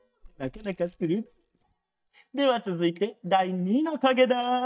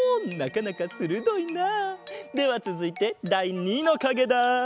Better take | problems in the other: second | noise reduction (neural mask model DeepFilterNet 3)

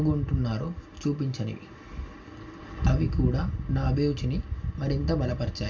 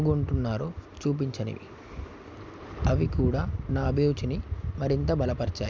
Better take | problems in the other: second | room echo; dies away in 0.2 s

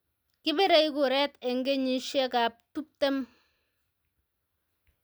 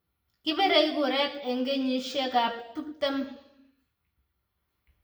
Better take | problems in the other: first | room echo; dies away in 0.7 s

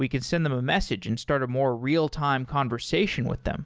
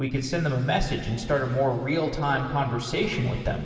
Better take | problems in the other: first | room echo; dies away in 2.5 s

